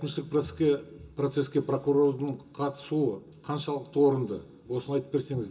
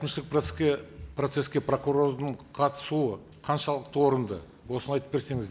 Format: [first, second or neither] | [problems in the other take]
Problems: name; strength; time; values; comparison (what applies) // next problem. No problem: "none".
second | room echo; dies away in 0.2 s